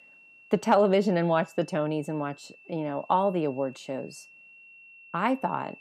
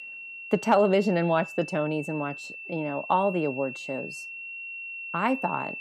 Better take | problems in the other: first | high-pitched whine; loud; throughout; 2.5 kHz, 10 dB below the speech; faint in the first

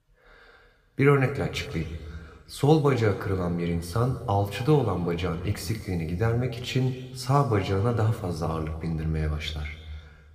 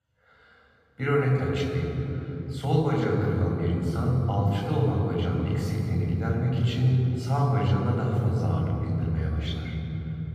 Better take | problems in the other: first | room echo; strong; dies away in 3 s; slight in the first // off-mic speech; far

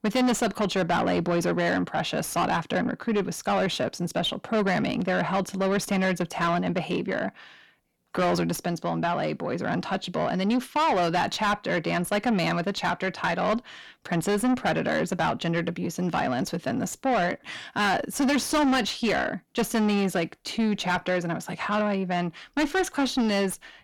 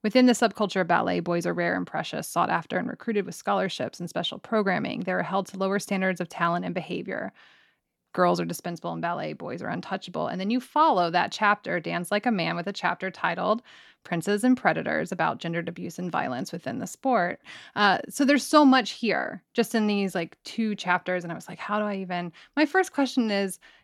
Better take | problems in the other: second | distortion; heavy; 6 dB below the speech

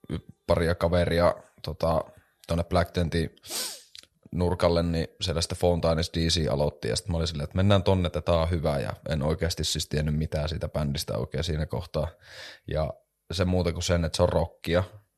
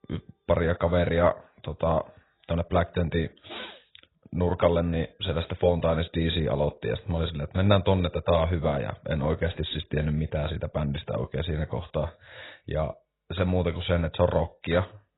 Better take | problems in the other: first | garbled, watery; badly; nothing above 4 kHz

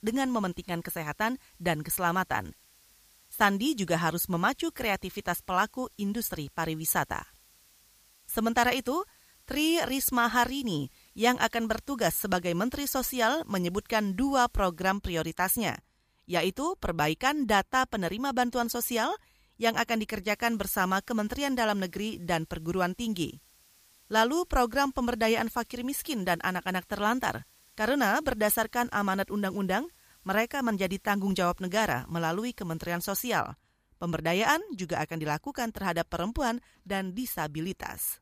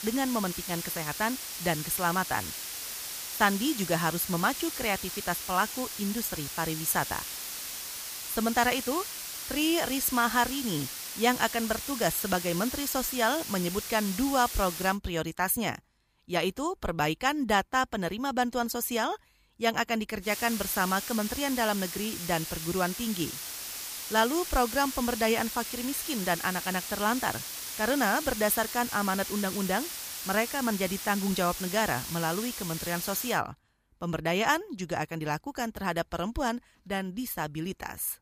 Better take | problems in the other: first | hiss; loud; until 15 s and from 20 to 33 s; 6 dB below the speech; faint in the first

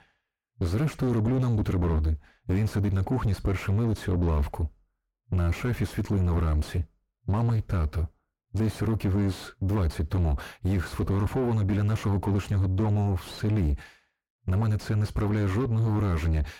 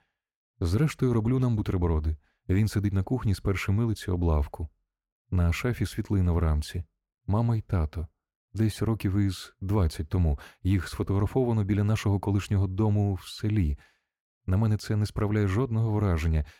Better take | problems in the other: second | distortion; heavy; 6 dB below the speech

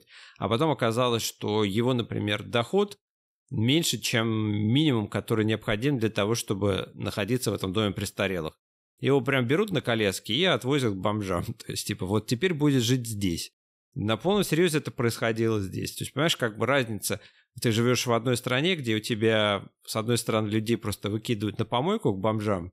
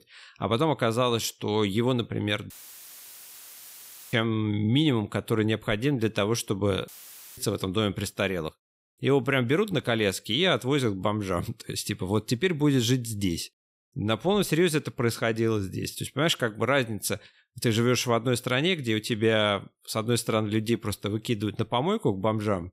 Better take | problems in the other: first | audio cutting out; filled with static; at 2.5 s for 1.5 s and at 7 s

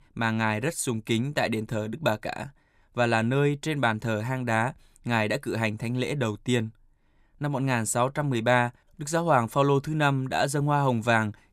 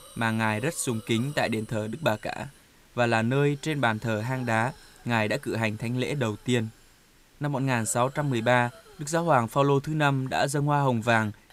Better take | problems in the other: first | hiss; faint; throughout; 25 dB below the speech

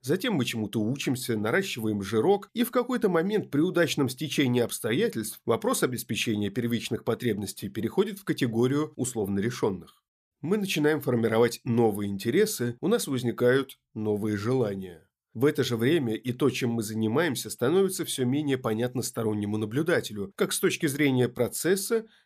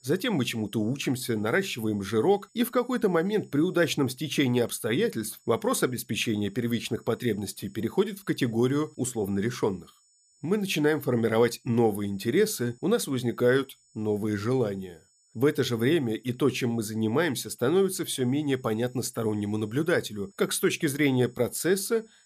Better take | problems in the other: first | high-pitched whine; faint; throughout; 7 kHz, 35 dB below the speech

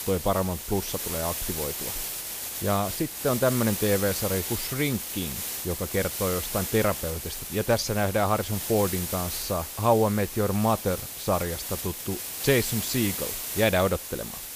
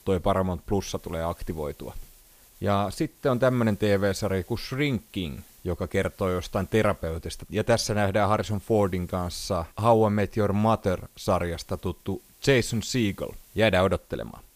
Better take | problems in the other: second | hiss; loud; throughout; 4 dB below the speech; faint in the second

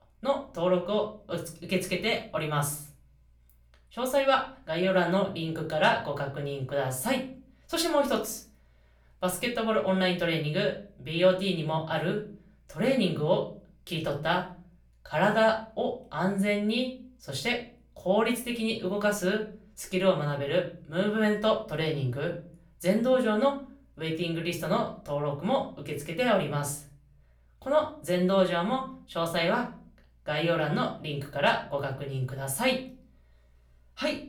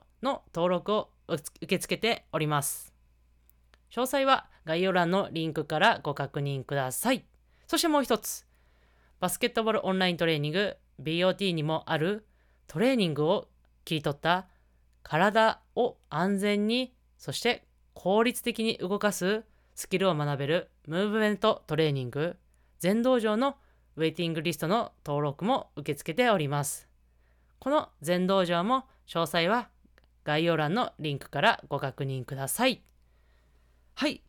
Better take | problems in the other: second | off-mic speech; far // room echo; very slight; dies away in 0.3 s

